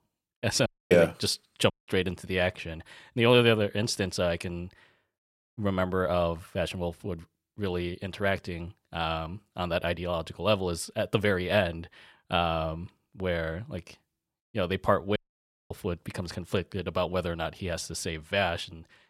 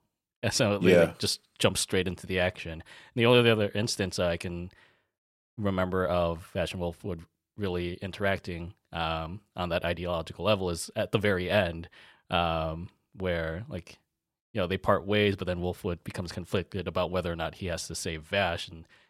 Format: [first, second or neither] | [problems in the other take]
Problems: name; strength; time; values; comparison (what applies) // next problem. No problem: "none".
second | audio cutting out; at 0.5 s, at 1.5 s and at 15 s for 0.5 s